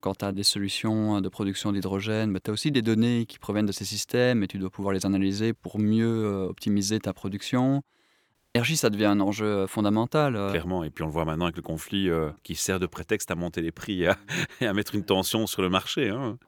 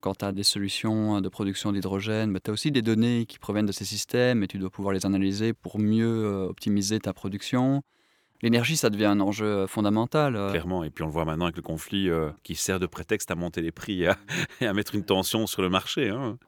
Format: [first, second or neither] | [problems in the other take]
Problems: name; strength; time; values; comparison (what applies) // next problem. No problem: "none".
second | audio cutting out; at 8.5 s